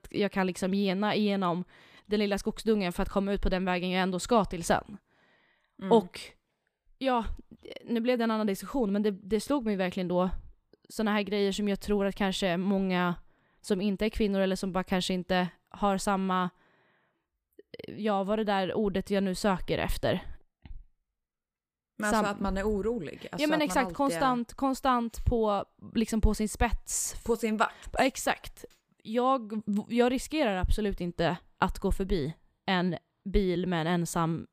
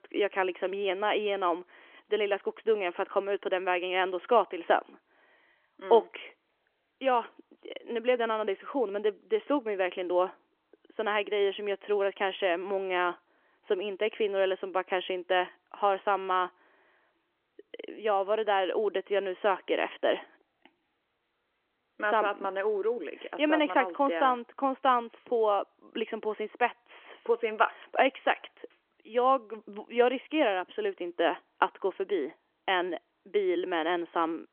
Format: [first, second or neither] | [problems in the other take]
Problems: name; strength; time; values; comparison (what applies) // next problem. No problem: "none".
first | phone-call audio; nothing above 3.5 kHz